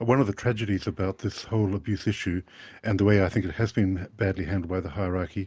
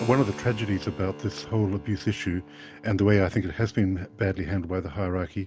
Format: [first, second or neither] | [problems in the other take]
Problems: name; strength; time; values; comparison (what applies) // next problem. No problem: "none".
first | background sound (Keyboard (musical)); 17 dB below the speech